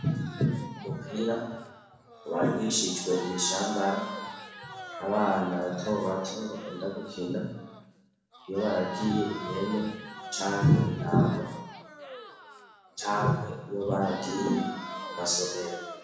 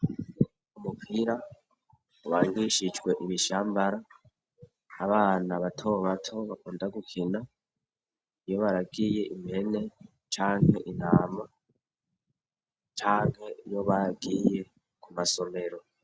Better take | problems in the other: second | background sound (Crowd); 12 dB below the speech // room echo; dies away in 1 s

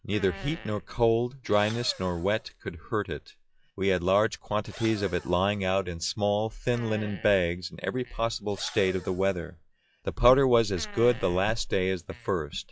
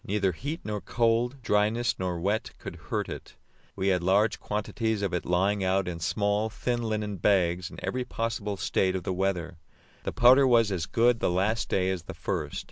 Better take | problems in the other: second | noise reduction (classical method log-MMSE)

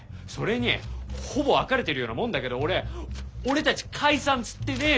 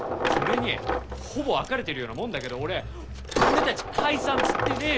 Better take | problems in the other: first | background sound (Coin (dropping)); 1 dB above the speech

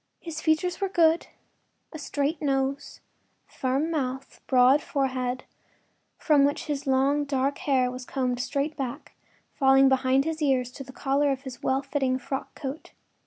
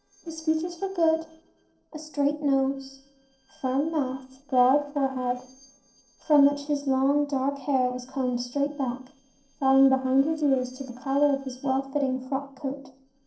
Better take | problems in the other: first | noise reduction (neural separator model SepFormer DNS4)

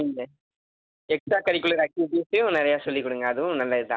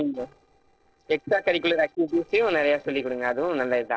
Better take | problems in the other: first | noise reduction (neural separator model SepFormer DNS4)

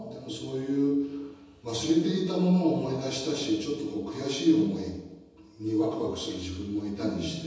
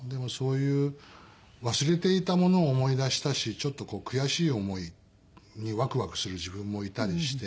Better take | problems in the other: second | room echo; dies away in 1.1 s

